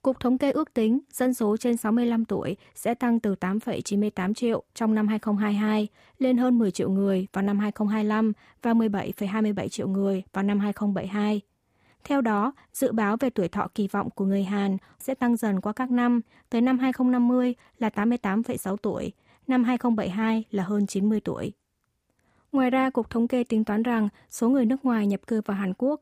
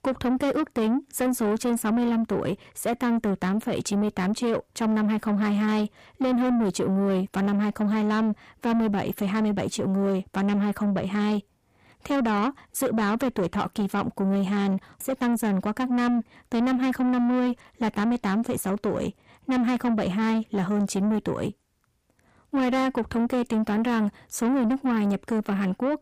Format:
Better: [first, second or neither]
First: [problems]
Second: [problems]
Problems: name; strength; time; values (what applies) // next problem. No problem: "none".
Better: first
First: none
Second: distortion; slight; 10 dB below the speech